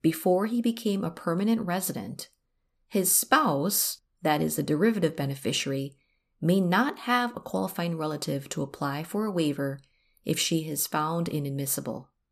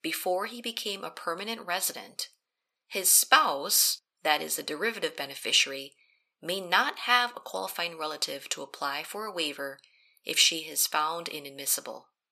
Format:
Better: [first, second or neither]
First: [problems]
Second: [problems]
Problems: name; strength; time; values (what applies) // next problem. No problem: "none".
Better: first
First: none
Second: thin; very; fading below 600 Hz